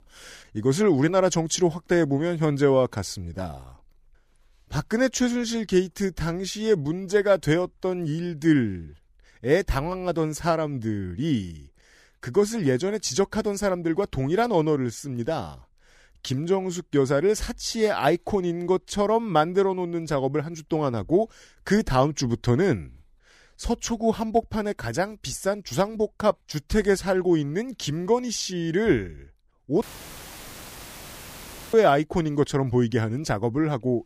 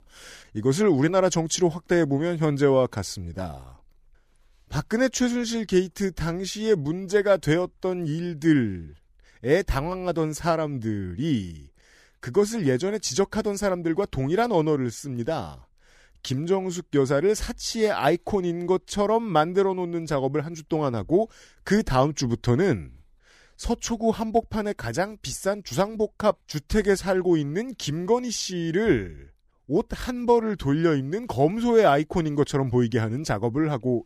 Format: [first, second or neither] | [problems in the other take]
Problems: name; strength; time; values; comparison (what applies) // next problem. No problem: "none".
second | audio cutting out; filled with static; at 30 s for 2 s